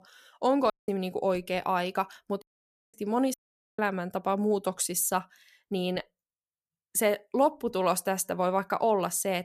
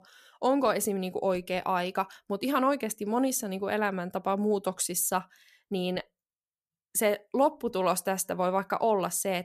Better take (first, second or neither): second